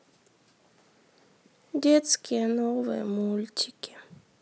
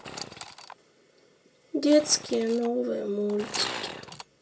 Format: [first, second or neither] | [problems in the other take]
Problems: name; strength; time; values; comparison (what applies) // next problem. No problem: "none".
first | background sound (Sawing / Engine); 12 dB below the speech // room echo; dies away in 0.2 s